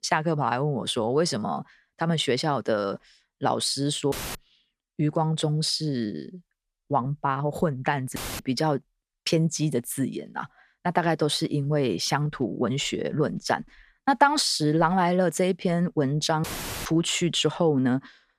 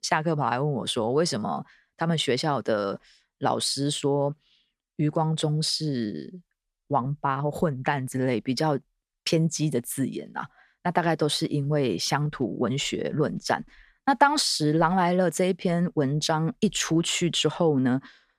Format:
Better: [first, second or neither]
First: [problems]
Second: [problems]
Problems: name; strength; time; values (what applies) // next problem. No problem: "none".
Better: second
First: audio cutting out; filled with static; at 4 s, at 8 s and at 16 s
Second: none